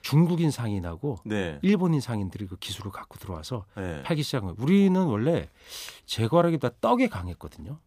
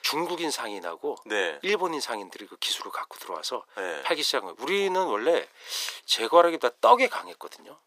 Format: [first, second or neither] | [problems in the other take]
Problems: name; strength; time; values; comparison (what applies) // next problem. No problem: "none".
first | thin; very; fading below 400 Hz